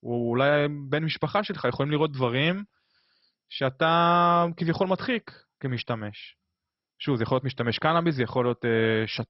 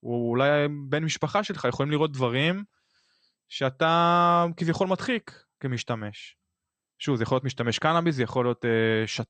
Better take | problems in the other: second | garbled, watery; badly; nothing above 5.5 kHz; slightly in the second

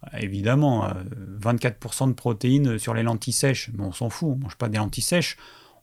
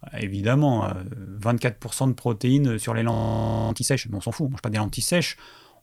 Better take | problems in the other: first | audio freezing; at 3 s for 0.5 s

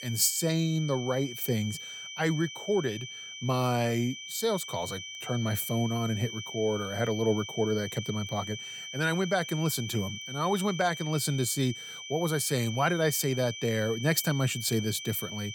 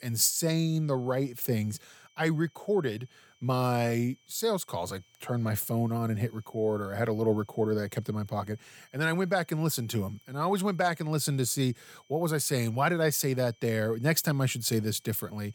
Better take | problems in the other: second | high-pitched whine; loud; throughout; 3 kHz, 9 dB below the speech; faint in the second

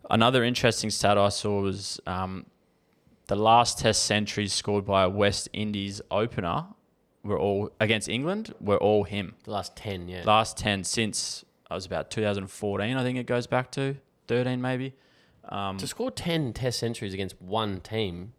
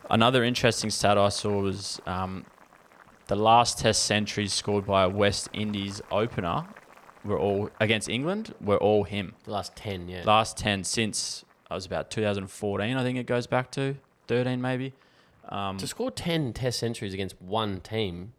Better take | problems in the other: first | household noises; faint; throughout; 25 dB below the speech

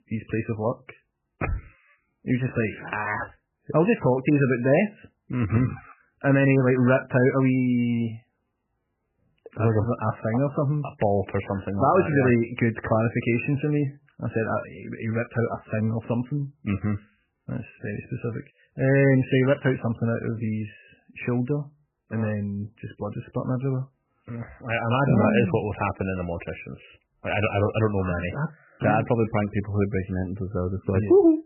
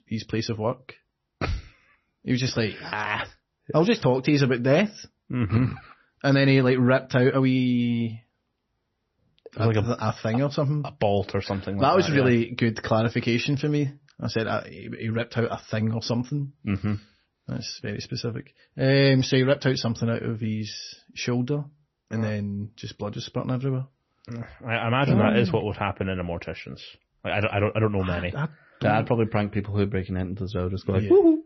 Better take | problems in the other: second | garbled, watery; badly; nothing above 3 kHz; slightly in the second

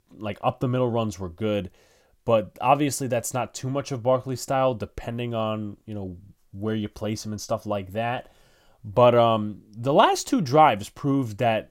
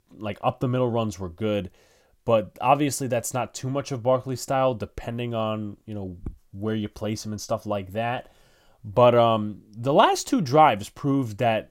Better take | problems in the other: first | footsteps; faint; at 6 s; peak 15 dB below the speech

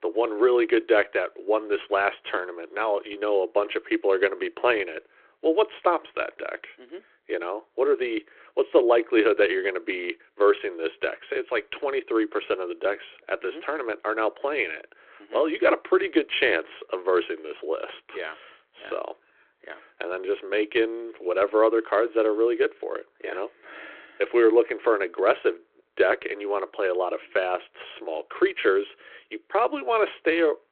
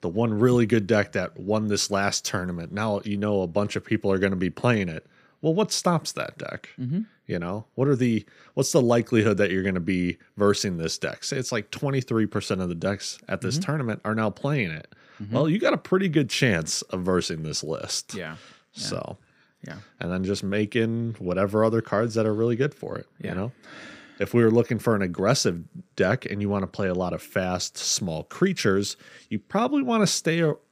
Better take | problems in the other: second | phone-call audio

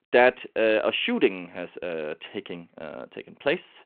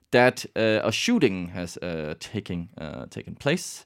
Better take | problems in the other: second | phone-call audio

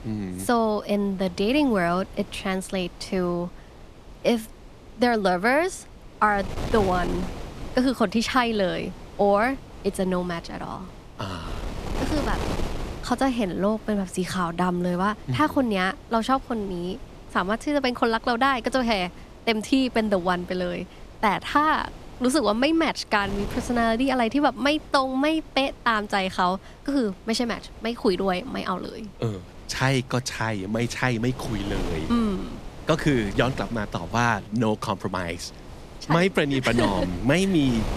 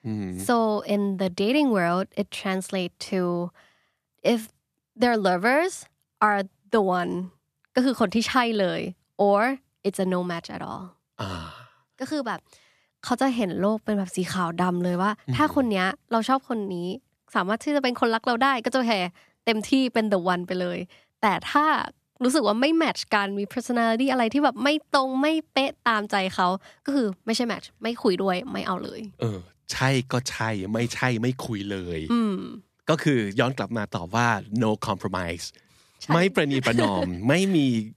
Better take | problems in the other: second | wind noise on the microphone; occasional gusts; 15 dB below the speech

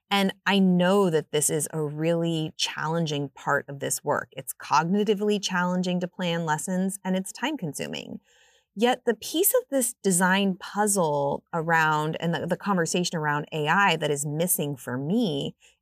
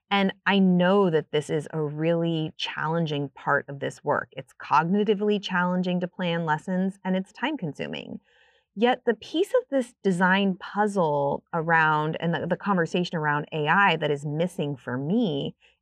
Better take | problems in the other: first | muffled; very; fading above 2.5 kHz

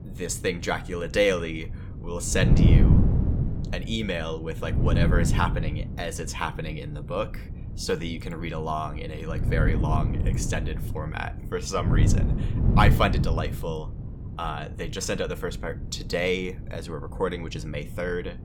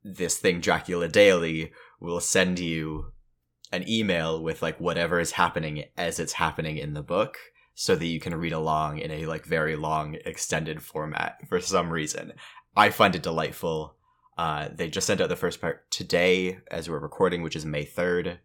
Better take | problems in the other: second | wind noise on the microphone; heavy; 7 dB below the speech

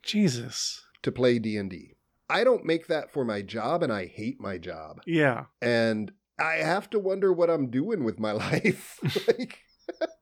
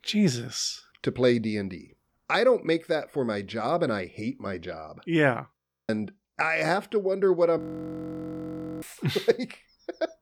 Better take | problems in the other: first | audio freezing; at 5.5 s and at 7.5 s for 1 s

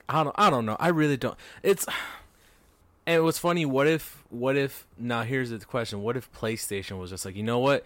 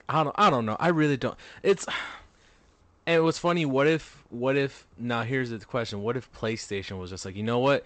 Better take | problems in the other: first | garbled, watery; slightly; nothing above 8 kHz

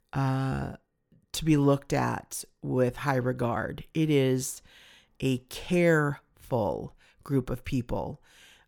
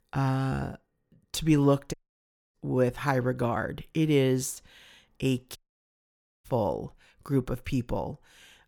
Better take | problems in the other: first | audio cutting out; at 2 s for 0.5 s and at 5.5 s for 1 s

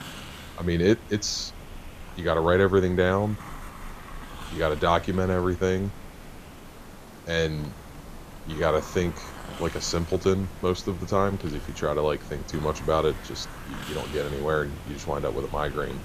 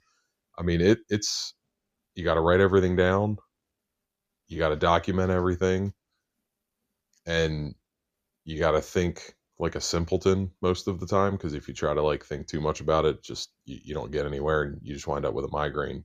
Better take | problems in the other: second | hiss; noticeable; throughout; 15 dB below the speech

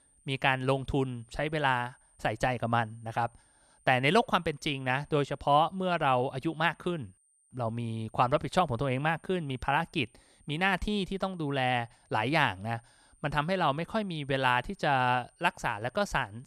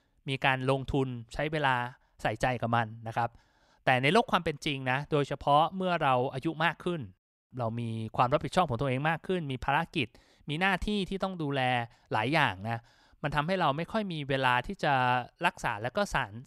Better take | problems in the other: second | high-pitched whine; faint; throughout; 9 kHz, 35 dB below the speech

